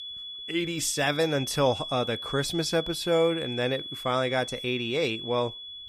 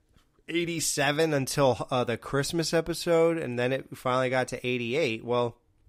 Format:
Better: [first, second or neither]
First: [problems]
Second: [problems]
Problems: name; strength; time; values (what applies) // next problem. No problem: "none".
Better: second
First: high-pitched whine; loud; throughout; 3.5 kHz, 8 dB below the speech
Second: none